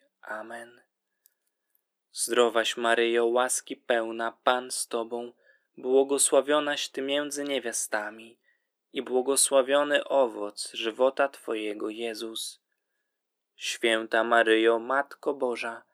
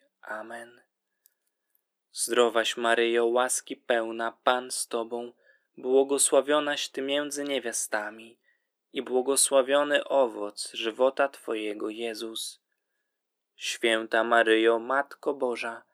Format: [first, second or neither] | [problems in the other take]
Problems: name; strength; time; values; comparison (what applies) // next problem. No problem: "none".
neither | thin; somewhat; fading below 300 Hz; the same in both